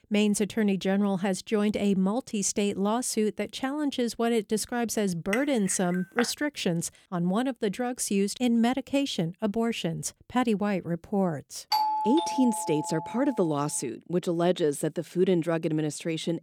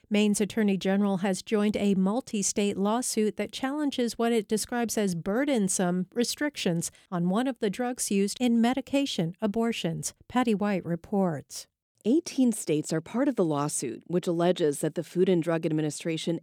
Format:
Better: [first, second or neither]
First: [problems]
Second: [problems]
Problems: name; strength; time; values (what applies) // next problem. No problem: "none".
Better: second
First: clattering dishes; noticeable; at 5.5 s; peak 7 dB below the speech // doorbell; loud; from 12 to 13 s; peak 2 dB above the speech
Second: none